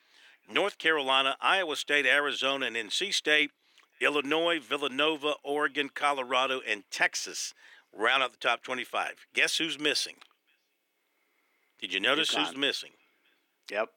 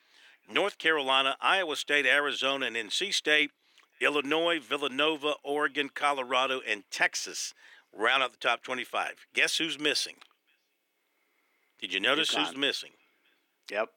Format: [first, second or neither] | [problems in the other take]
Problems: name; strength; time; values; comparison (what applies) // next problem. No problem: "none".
neither | thin; somewhat; fading below 300 Hz; the same in both